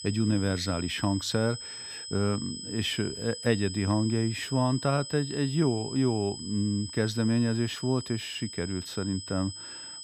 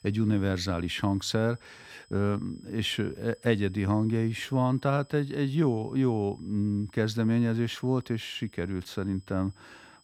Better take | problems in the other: second | high-pitched whine; loud; throughout; 5 kHz, 9 dB below the speech; faint in the second

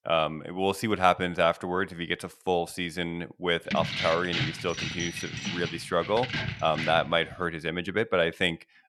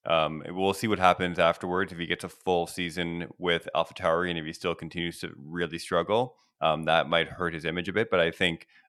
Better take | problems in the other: second | jangling keys; noticeable; from 3.5 to 7 s; peak 2 dB below the speech

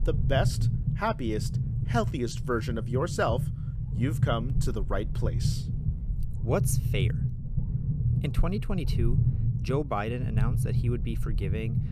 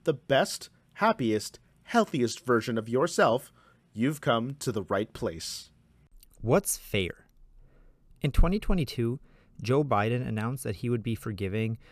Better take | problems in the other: second | low rumble; loud; throughout; 9 dB below the speech

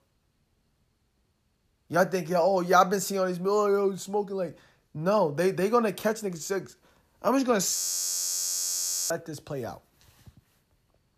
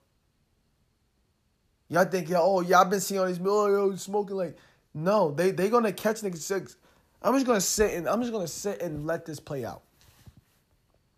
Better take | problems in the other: second | audio freezing; at 8 s for 1.5 s

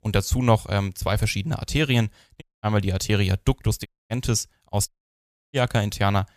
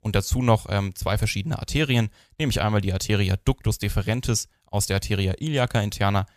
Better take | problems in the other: second | audio cutting out; at 2.5 s, at 4 s and at 5 s for 0.5 s

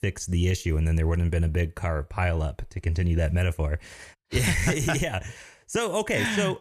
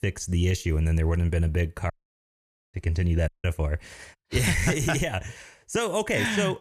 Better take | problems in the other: first | audio cutting out; at 2 s for 1 s and at 3.5 s

